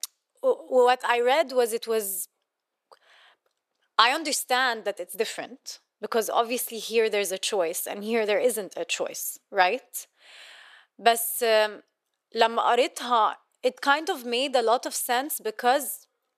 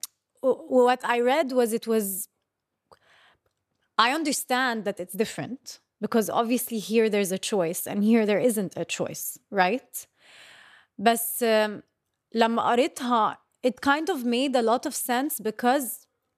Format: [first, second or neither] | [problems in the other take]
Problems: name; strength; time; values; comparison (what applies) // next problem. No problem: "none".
second | thin; somewhat; fading below 500 Hz